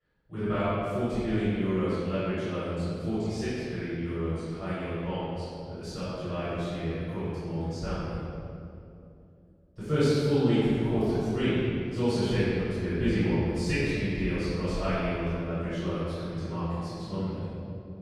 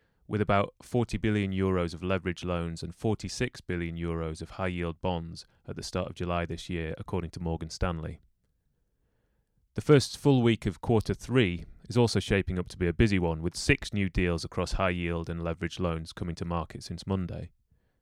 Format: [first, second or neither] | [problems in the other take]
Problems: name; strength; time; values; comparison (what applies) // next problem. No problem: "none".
second | room echo; strong; dies away in 2.3 s // off-mic speech; far